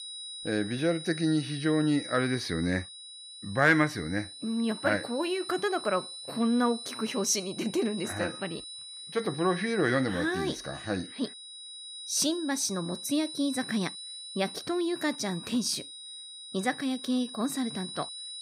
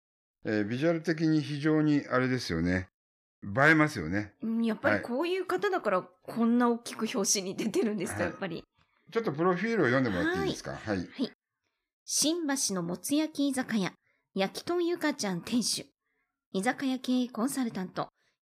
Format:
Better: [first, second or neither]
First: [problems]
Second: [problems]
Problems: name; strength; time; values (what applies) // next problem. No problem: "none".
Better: second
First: high-pitched whine; noticeable; throughout; 4 kHz, 10 dB below the speech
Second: none